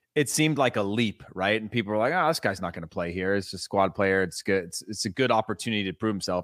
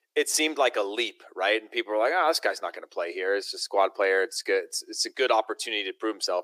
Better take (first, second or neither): first